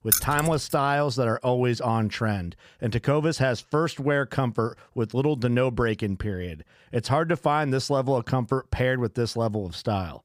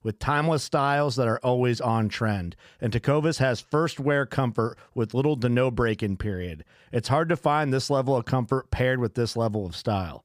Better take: second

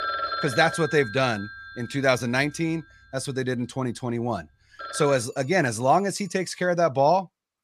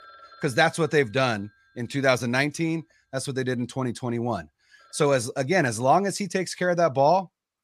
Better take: second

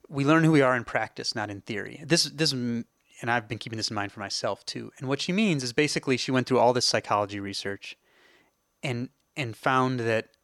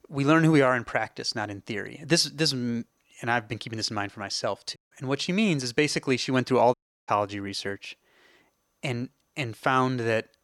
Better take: first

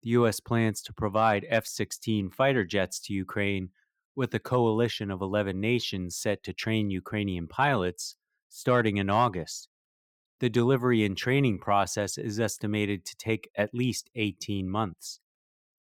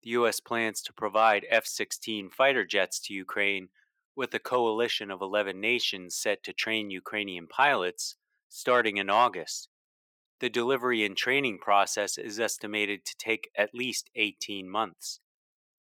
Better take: first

